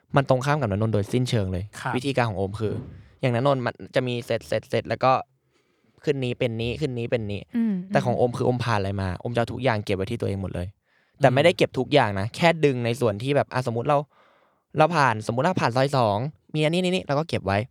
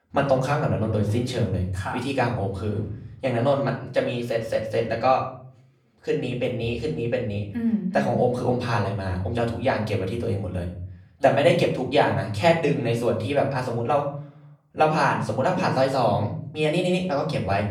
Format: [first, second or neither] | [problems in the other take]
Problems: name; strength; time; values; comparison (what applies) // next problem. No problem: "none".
first | room echo; slight; dies away in 0.5 s // off-mic speech; far